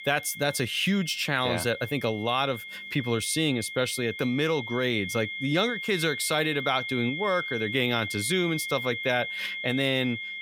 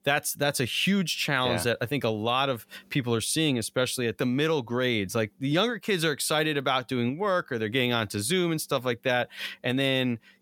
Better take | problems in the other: second | high-pitched whine; loud; throughout; 2 kHz, 7 dB below the speech

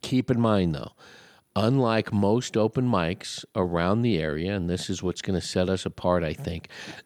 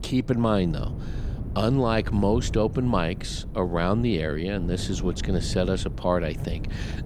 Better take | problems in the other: first | wind noise on the microphone; occasional gusts; 15 dB below the speech

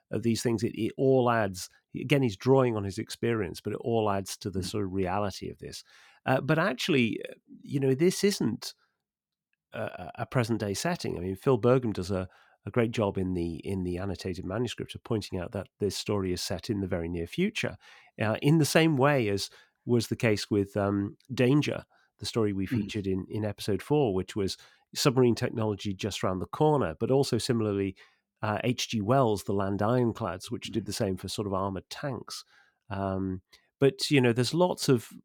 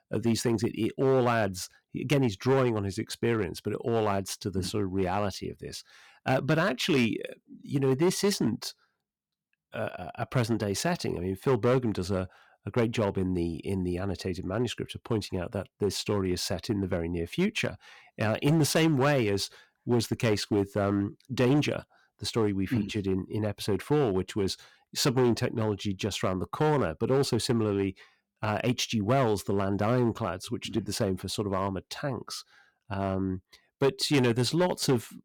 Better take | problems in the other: first | distortion; slight; 4% of the sound clipped

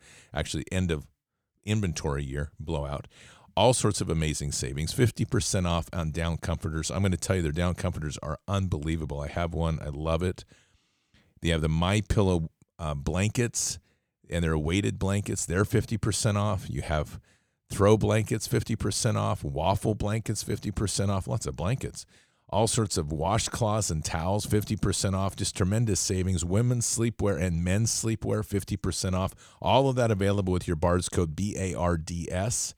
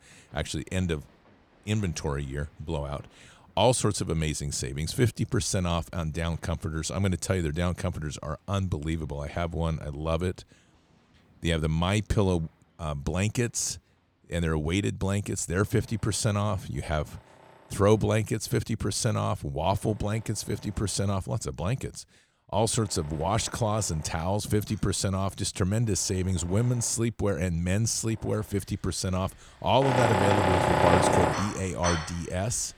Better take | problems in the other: first | machinery noise; very loud; throughout; 2 dB above the speech

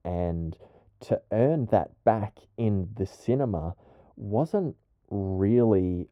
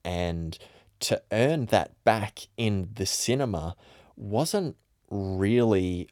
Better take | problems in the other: second | muffled; very; fading above 2 kHz

